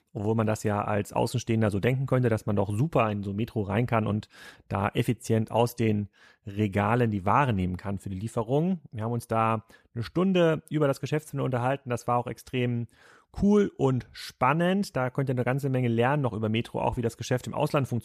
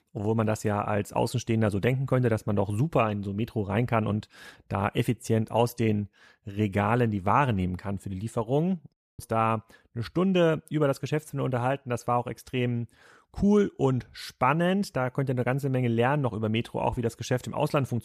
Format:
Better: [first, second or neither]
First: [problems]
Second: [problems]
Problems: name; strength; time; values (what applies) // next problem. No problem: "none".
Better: first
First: none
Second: audio cutting out; at 9 s